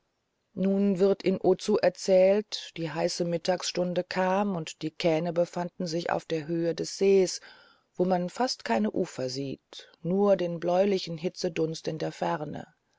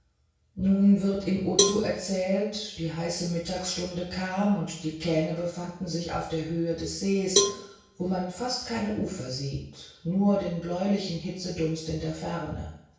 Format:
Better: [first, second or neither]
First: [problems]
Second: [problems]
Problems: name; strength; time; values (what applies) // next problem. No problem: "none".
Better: first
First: none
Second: background sound (Cowbell); 4 dB below the speech // room echo; dies away in 0.6 s